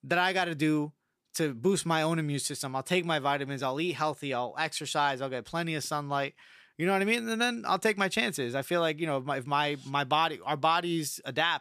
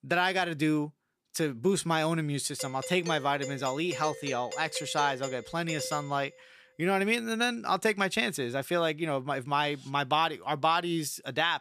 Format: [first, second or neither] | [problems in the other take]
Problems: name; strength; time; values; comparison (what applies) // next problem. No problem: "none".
first | doorbell; noticeable; from 2.5 to 6 s; peak 9 dB below the speech